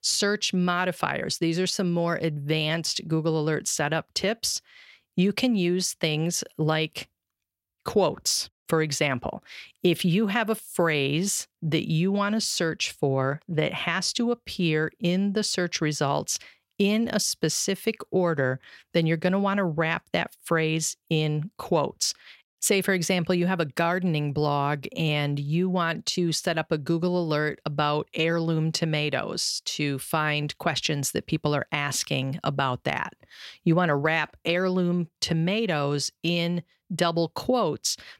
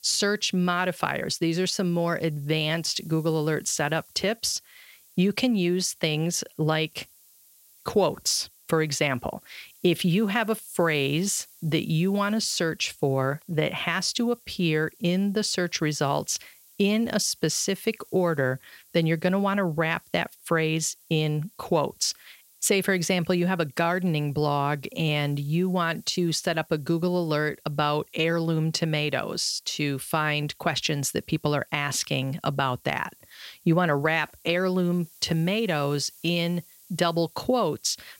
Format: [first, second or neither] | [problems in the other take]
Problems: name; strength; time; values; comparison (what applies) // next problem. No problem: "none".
first | hiss; faint; throughout; 25 dB below the speech